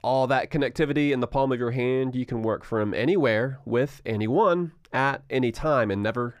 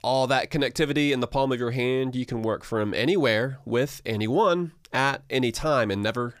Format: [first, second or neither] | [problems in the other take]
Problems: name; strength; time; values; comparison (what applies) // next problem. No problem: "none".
second | muffled; slightly; fading above 3 kHz